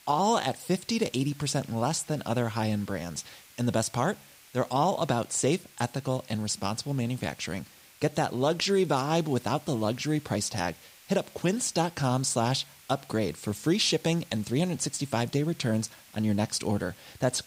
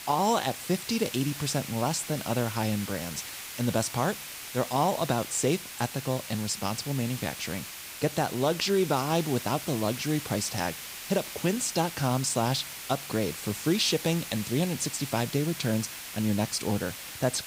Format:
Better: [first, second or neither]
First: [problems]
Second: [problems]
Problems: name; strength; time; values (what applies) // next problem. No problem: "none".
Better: first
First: hiss; faint; throughout; 25 dB below the speech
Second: hiss; loud; throughout; 8 dB below the speech